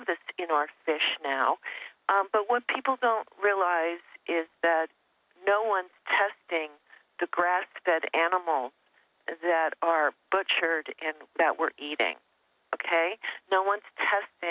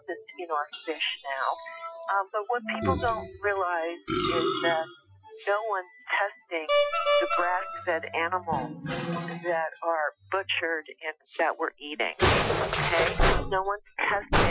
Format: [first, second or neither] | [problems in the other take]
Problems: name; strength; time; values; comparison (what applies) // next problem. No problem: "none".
first | noise reduction (classical method Wiener filter)